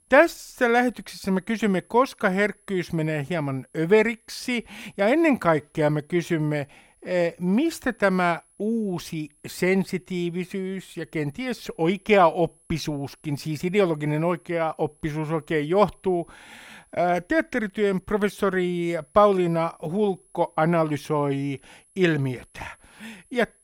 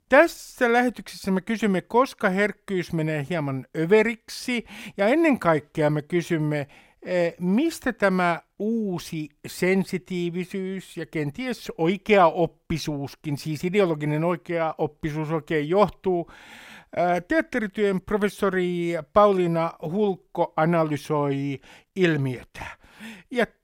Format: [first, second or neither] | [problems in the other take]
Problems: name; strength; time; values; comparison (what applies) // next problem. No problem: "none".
second | high-pitched whine; faint; throughout; 10.5 kHz, 35 dB below the speech